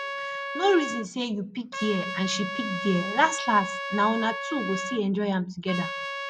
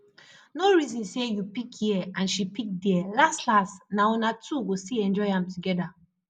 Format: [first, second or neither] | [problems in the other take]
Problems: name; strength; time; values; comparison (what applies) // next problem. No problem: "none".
second | background sound (Trumpet); 6 dB below the speech